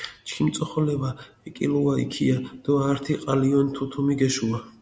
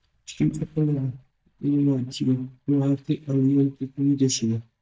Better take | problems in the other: first | noise reduction (neural mask model DeepFilterNet 3)

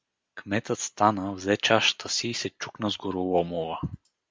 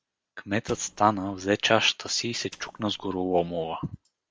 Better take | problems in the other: first | noise reduction (neural separator model SepFormer DNS4)

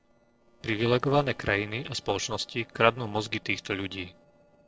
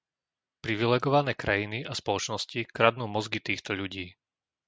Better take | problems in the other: second | noise reduction (neural separator model SepFormer DNS4)

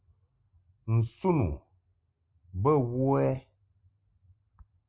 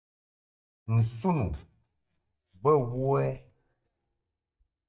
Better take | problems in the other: first | noise reduction (neural mask model DeepFilterNet 3)

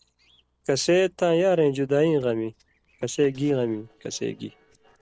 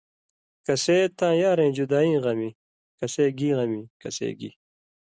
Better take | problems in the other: second | noise reduction (neural separator model SepFormer DNS4)

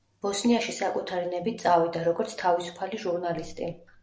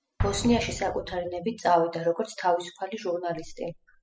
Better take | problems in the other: first | noise reduction (classical method spectral subtraction)

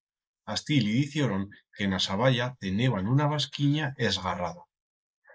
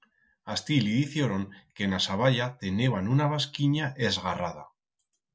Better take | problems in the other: second | noise reduction (neural mask model Resemble Enhance denoiser)

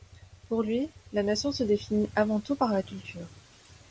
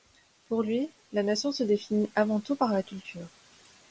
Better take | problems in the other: second | background sound (Motorcycle); 19 dB below the speech

